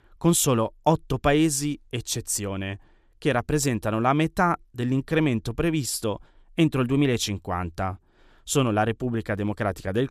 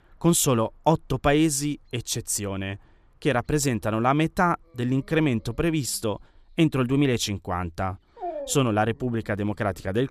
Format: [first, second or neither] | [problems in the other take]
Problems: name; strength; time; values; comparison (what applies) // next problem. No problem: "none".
first | animal sounds; noticeable; throughout; 15 dB below the speech